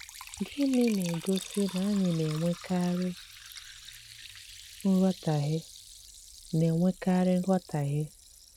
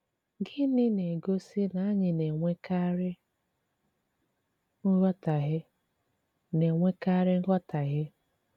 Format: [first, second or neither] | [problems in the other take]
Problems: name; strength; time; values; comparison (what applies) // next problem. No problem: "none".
second | background sound (Liquid); 16 dB below the speech